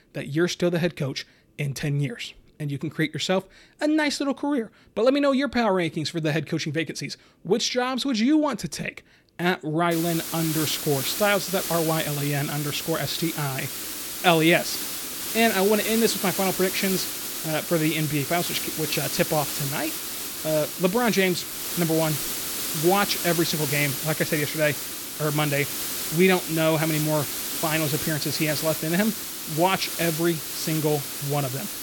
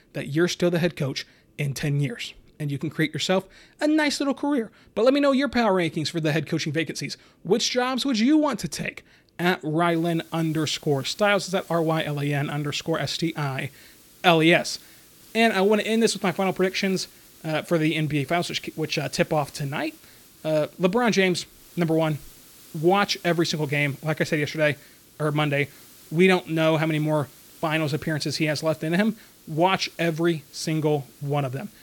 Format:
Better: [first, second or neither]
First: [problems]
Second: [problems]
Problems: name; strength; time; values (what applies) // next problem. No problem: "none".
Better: second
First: hiss; loud; from 10 s on; 3 dB below the speech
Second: hiss; faint; from 10 s on; 25 dB below the speech